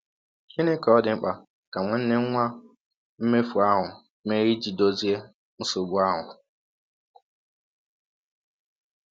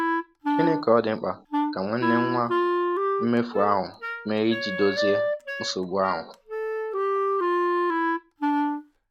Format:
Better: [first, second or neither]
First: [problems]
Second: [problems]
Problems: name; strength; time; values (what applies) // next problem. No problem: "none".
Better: first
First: none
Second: background sound (Wind instrument, woodwind instrument); 1 dB above the speech